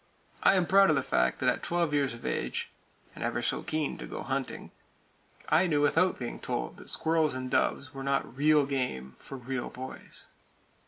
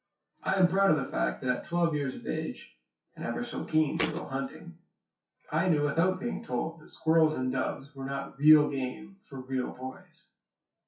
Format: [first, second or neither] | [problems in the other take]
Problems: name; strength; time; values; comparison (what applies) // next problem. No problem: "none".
first | noise reduction (classical method WPE with log-MMSE)